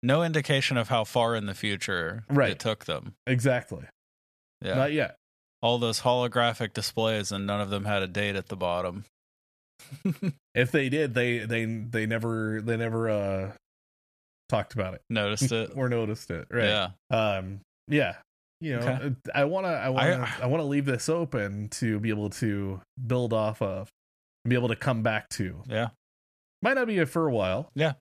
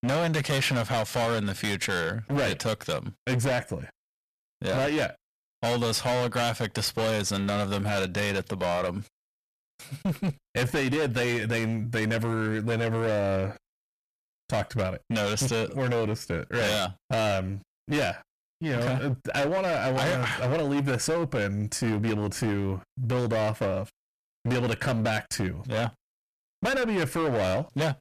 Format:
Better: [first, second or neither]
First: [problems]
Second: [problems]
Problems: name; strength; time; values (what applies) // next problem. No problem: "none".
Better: first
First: none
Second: distortion; heavy; 22% of the sound clipped